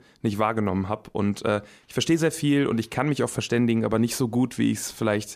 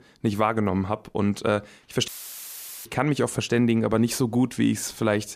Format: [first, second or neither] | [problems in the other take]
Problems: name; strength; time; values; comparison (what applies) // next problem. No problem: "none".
first | audio cutting out; filled with static; at 2 s for 1 s